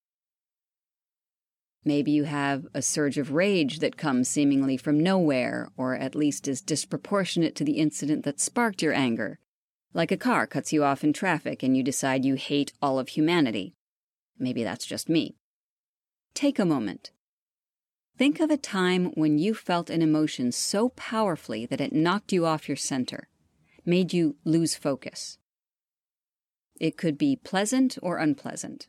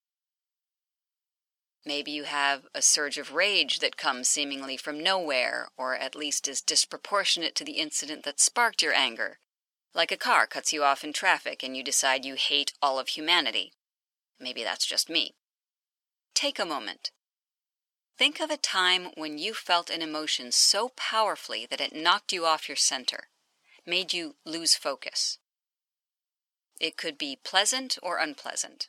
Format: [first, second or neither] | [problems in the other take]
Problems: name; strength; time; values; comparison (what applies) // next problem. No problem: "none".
first | thin; very; fading below 900 Hz